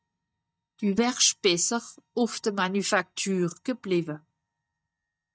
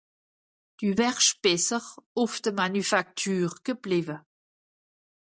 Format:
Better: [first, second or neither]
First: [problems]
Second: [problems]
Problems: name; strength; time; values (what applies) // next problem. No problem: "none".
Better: second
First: noise reduction (neural mask model DeepFilterNet 3)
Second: none